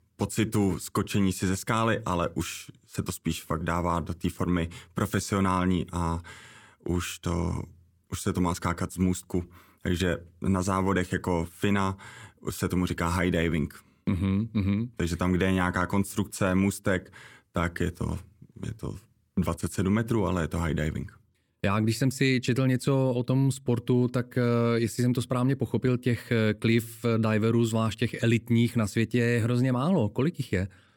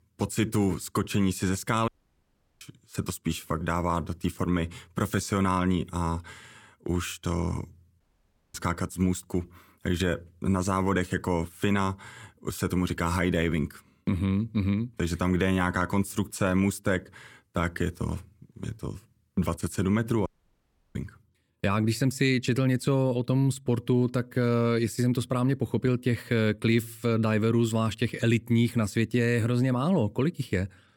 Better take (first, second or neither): first